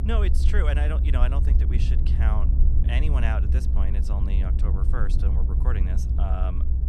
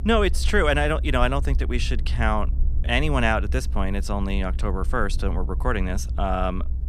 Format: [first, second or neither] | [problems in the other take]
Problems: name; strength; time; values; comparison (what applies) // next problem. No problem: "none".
second | low rumble; loud; throughout; 5 dB below the speech; faint in the second